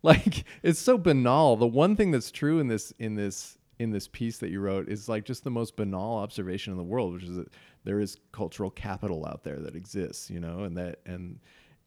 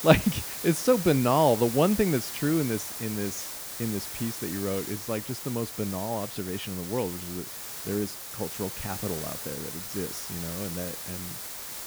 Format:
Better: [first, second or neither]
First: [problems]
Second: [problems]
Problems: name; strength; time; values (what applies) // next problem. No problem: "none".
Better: first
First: none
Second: hiss; loud; throughout; 6 dB below the speech